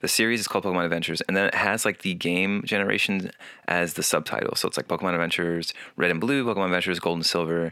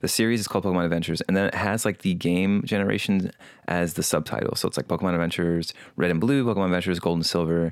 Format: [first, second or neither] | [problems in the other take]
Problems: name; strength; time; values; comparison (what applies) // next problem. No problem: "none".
second | thin; very slightly; fading below 350 Hz